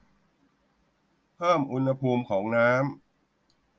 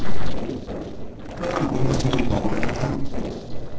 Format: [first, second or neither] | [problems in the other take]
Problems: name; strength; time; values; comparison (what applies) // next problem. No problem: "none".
first | noise reduction (neural separator model SepFormer DNS4)